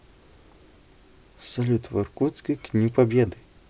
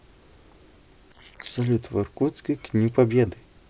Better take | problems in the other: first | noise reduction (neural mask model Resemble Enhance denoiser)

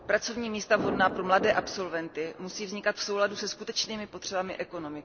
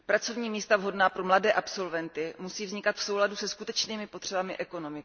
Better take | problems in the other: second | background sound (Thunder); 11 dB below the speech

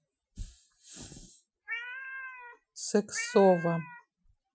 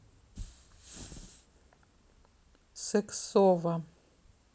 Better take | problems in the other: second | noise reduction (classical method Wiener filter)

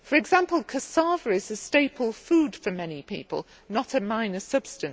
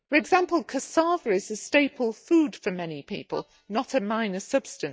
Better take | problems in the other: first | noise reduction (neural mask model DeepFilterNet 3)

